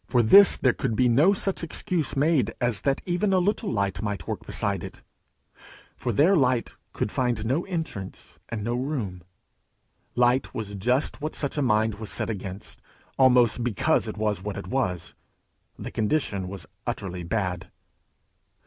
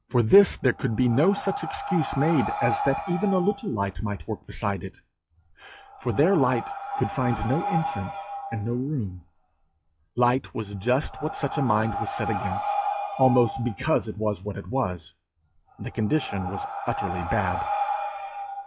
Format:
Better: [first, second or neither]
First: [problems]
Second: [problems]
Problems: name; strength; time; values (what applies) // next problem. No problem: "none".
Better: first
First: none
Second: noise reduction (classical method log-MMSE)